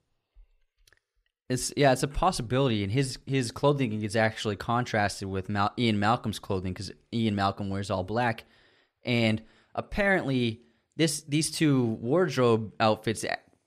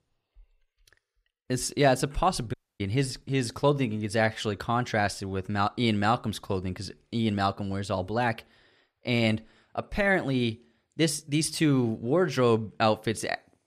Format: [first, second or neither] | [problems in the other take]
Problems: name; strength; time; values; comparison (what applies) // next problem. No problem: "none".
first | audio cutting out; at 2.5 s